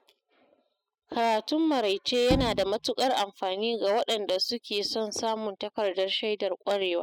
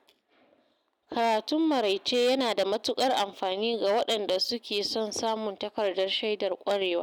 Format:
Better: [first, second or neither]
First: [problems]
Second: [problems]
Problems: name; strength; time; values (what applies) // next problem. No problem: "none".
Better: second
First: noise reduction (classical method spectral subtraction)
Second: none